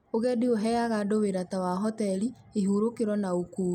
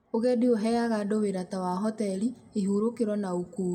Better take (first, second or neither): first